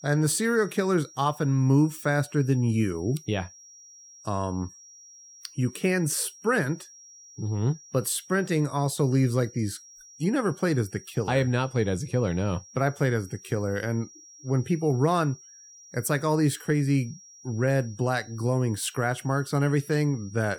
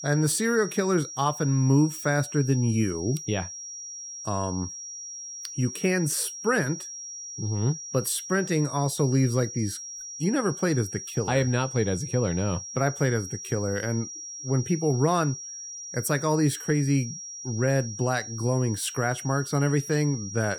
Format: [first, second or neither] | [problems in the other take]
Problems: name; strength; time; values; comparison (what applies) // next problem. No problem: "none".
first | high-pitched whine; loud; throughout; 5.5 kHz, 10 dB below the speech; faint in the first